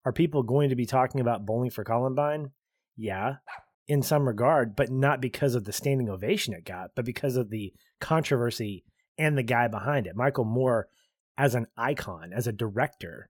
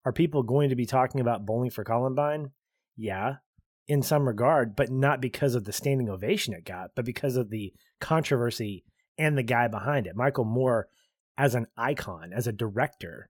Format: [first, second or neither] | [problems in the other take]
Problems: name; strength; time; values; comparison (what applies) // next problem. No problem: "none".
second | dog barking; faint; at 3.5 s; peak 20 dB below the speech